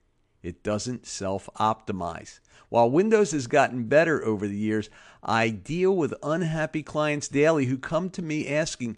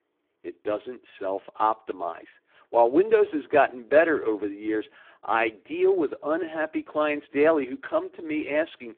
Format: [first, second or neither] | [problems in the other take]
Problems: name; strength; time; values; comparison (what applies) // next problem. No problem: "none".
first | phone-call audio; poor line